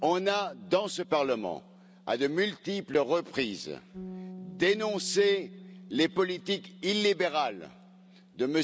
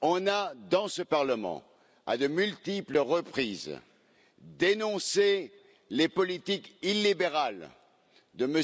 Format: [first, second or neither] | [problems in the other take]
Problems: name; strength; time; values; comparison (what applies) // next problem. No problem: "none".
second | background sound (Bass guitar); 18 dB below the speech